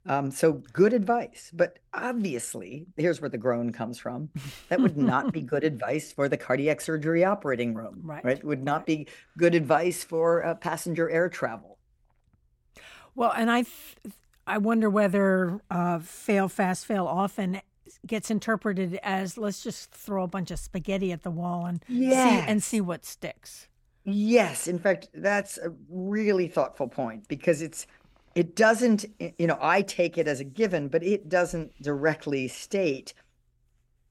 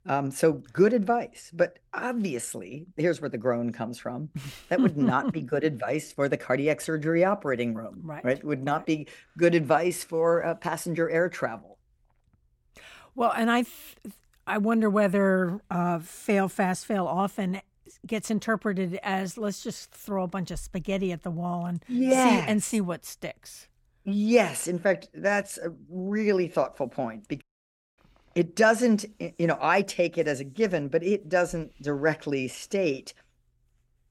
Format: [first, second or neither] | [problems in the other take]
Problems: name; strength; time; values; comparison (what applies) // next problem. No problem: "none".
first | audio cutting out; at 27 s for 0.5 s